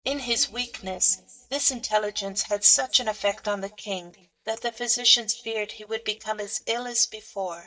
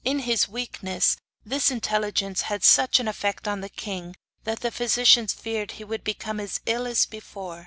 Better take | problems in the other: second | noise reduction (neural mask model DeepFilterNet 3)

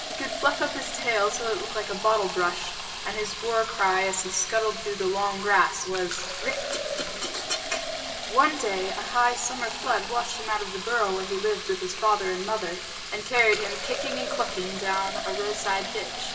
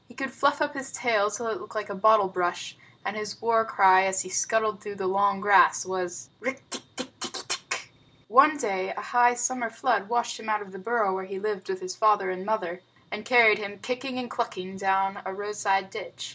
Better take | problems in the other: second | background sound (Fill (with liquid)); 6 dB below the speech // room echo; dies away in 1.8 s

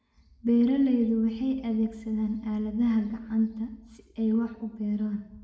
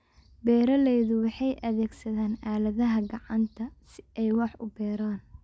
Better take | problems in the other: second | room echo; dies away in 0.7 s

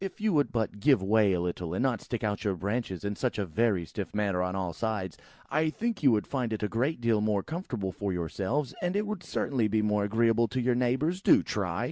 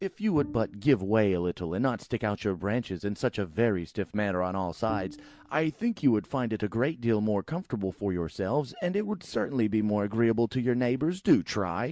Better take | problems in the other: first | background sound (Bowed string instrument); 15 dB below the speech

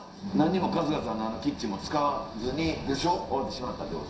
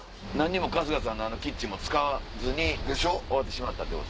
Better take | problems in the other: second | room echo; dies away in 0.7 s

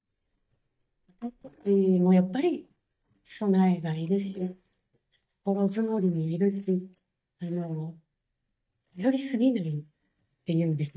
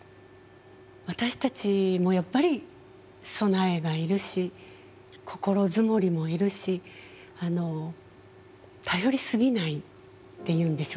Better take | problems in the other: second | noise reduction (neural mask model DeepFilterNet 3)

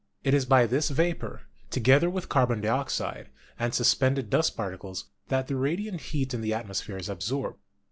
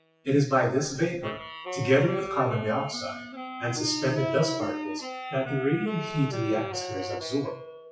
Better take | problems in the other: first | noise reduction (classical method WPE with log-MMSE)

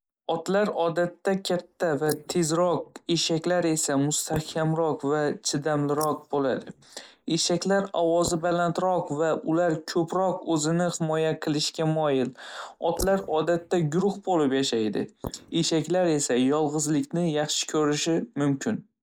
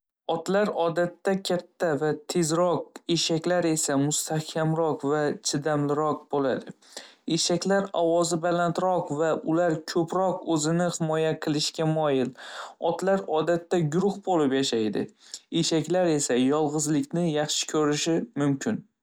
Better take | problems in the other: second | noise reduction (neural mask model Resemble Enhance denoiser)

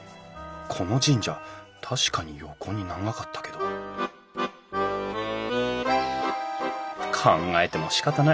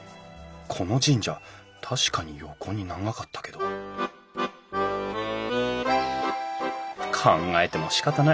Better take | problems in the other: second | background sound (Wind instrument, woodwind instrument); 16 dB below the speech

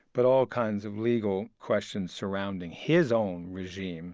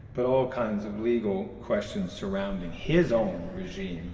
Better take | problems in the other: first | background sound (Motor vehicle (road)); 14 dB below the speech // room echo; dies away in 2.8 s

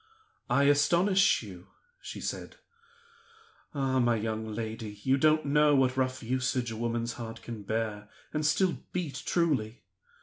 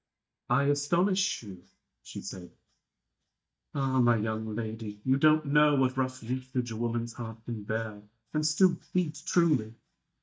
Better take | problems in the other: first | noise reduction (neural mask model DeepFilterNet 3)

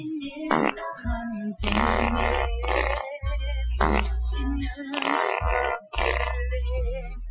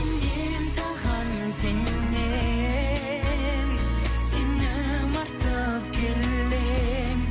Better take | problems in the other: second | noise reduction (classical method Wiener filter)

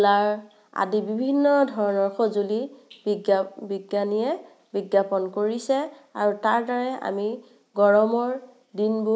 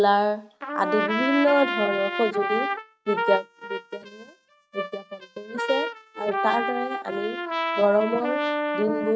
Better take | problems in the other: first | noise reduction (neural mask model RNNoise)

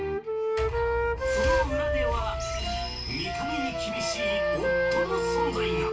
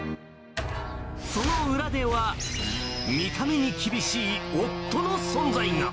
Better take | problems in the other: second | background sound (Wind instrument, woodwind instrument); 3 dB above the speech // room echo; dies away in 0.3 s

